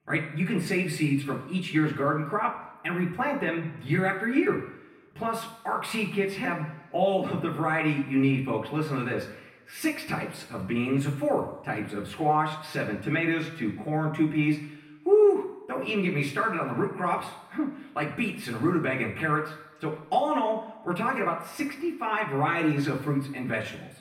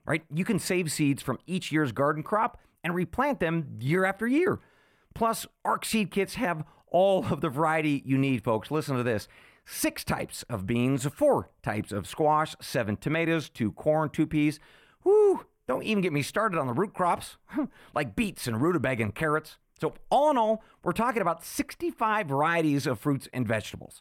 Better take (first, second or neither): second